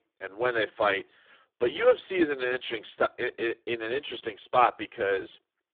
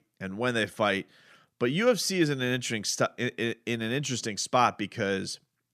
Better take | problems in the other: second | phone-call audio; poor line

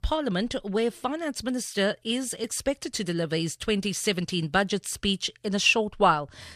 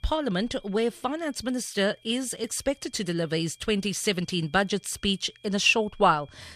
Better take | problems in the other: first | high-pitched whine; faint; throughout; 3 kHz, 30 dB below the speech

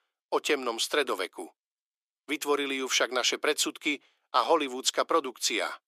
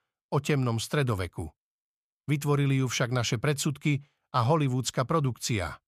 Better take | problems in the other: second | thin; very; fading below 300 Hz

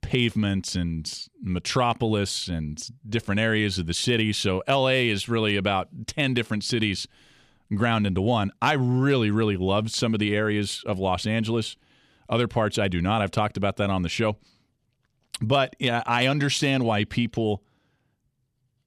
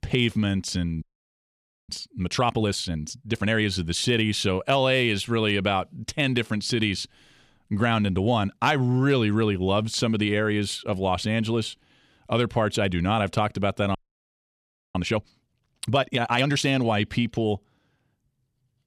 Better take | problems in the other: first | audio freezing; at 1 s for 1 s and at 14 s for 1 s

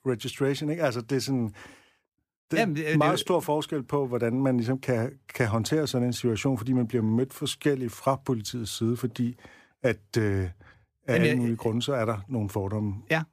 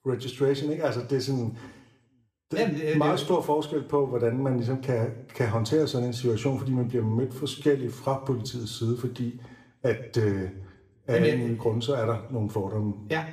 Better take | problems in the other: first | room echo; slight; dies away in 0.6 s // off-mic speech; somewhat distant

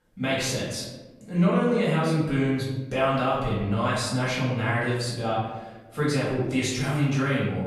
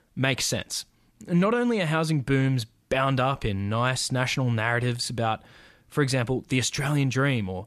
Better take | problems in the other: second | room echo; noticeable; dies away in 1.1 s // off-mic speech; far

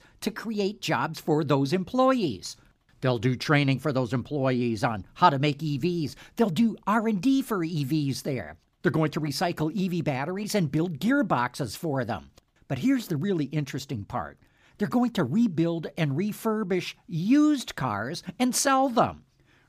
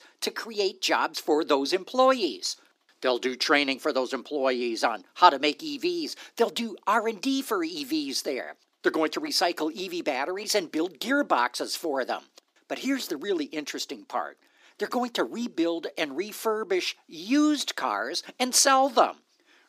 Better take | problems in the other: first | thin; somewhat; fading below 300 Hz

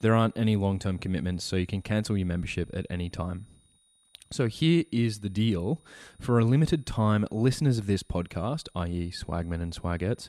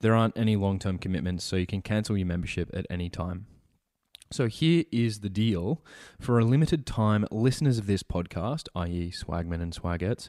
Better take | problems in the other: second | high-pitched whine; faint; throughout; 9.5 kHz, 35 dB below the speech

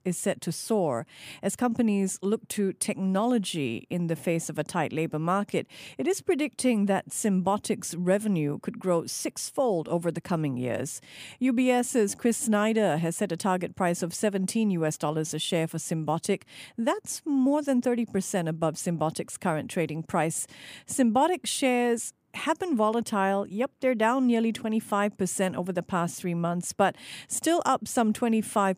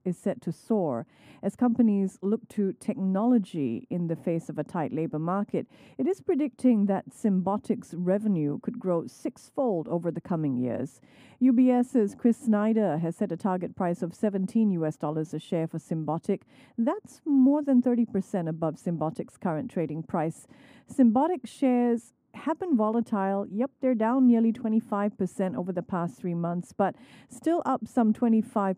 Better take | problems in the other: first | muffled; very; fading above 2 kHz

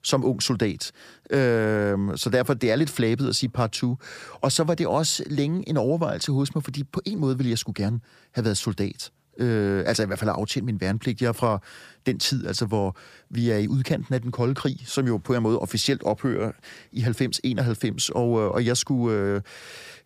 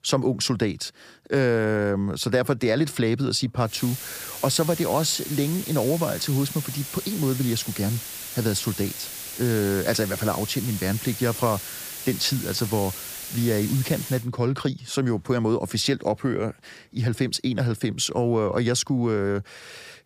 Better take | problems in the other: first | hiss; loud; from 3.5 to 14 s; 8 dB below the speech

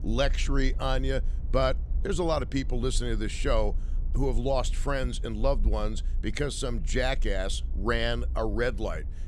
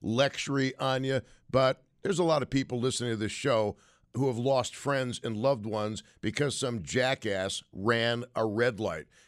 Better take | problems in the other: second | low rumble; faint; throughout; 25 dB below the speech

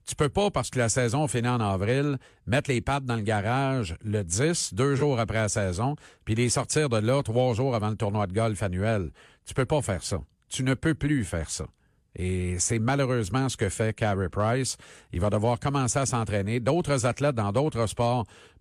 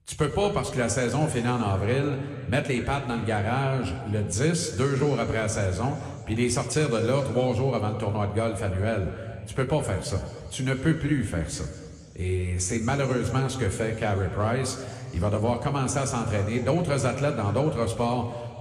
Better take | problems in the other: first | room echo; slight; dies away in 2.3 s

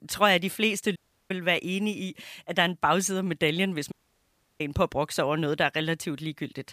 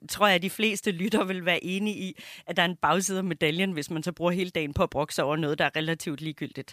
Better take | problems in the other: second | audio cutting out; at 1 s and at 4 s for 0.5 s

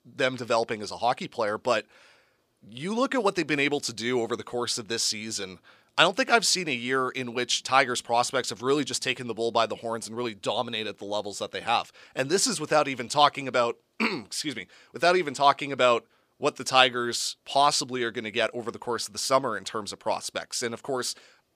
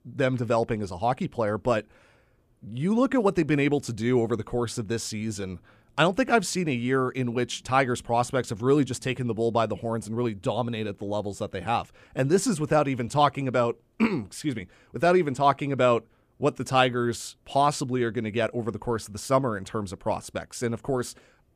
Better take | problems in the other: second | thin; somewhat; fading below 700 Hz

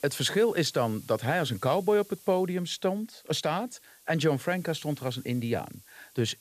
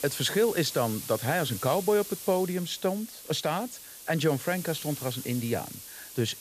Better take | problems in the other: first | hiss; loud; throughout; 10 dB below the speech; faint in the first

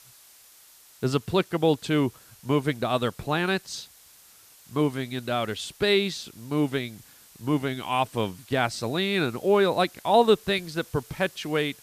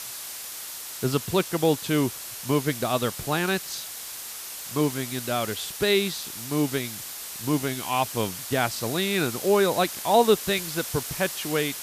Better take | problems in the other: first | hiss; loud; throughout; 8 dB below the speech; faint in the first

